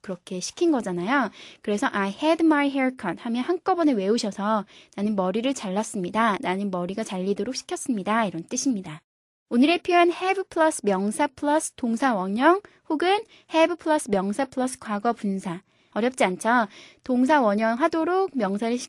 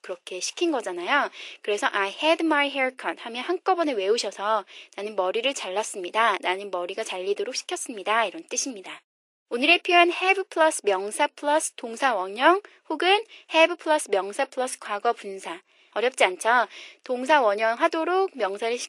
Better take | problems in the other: first | thin; somewhat; fading below 400 Hz

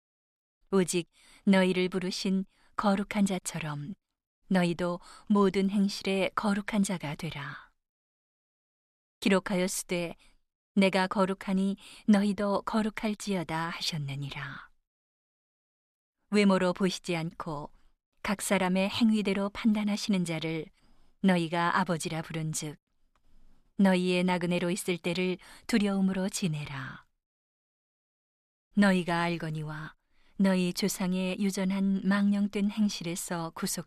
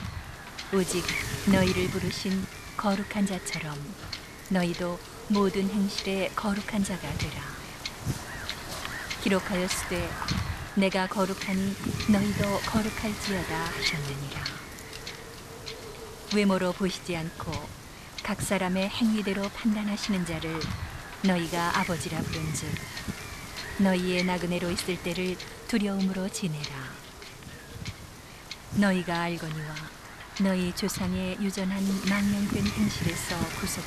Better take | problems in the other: first | wind noise on the microphone; heavy; 4 dB below the speech

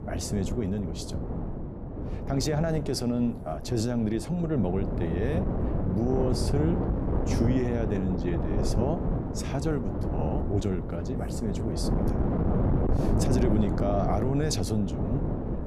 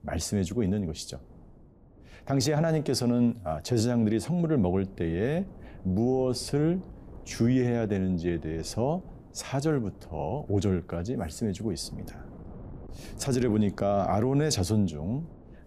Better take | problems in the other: second | wind noise on the microphone; heavy; 3 dB below the speech; occasional gusts in the second

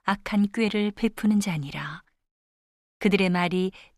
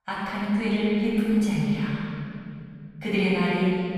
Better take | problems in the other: first | off-mic speech; far // room echo; strong; dies away in 3 s

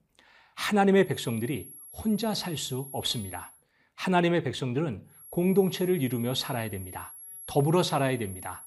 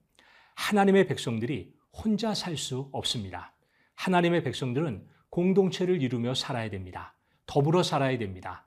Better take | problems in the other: second | high-pitched whine; noticeable; from 1 to 3.5 s and from 5 s on; 11.5 kHz, 15 dB below the speech

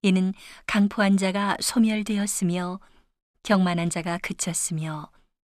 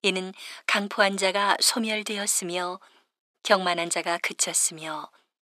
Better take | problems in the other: first | thin; very; fading below 350 Hz

